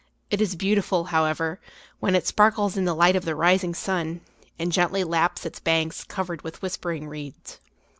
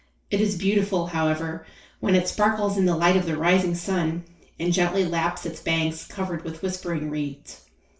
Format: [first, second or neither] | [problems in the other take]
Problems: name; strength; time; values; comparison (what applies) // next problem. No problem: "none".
first | room echo; dies away in 0.3 s